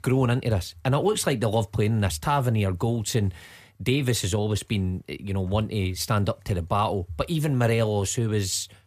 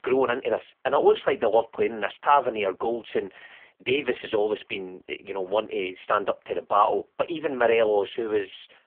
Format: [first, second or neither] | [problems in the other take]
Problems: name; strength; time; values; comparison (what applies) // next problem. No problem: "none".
first | phone-call audio; poor line